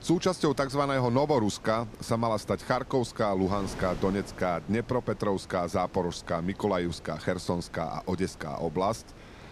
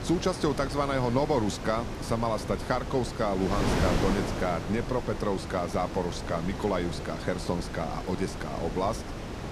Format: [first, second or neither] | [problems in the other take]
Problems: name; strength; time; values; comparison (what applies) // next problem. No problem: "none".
first | wind noise on the microphone; heavy; 6 dB below the speech; occasional gusts in the first